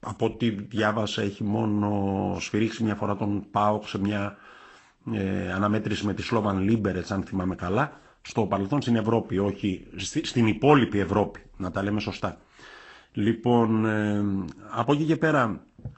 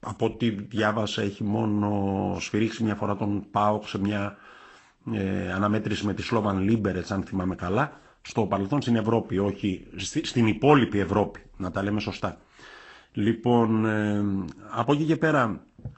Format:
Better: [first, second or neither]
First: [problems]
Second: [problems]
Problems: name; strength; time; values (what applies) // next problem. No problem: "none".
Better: neither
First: garbled, watery; slightly; nothing above 8 kHz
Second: garbled, watery; slightly; nothing above 8 kHz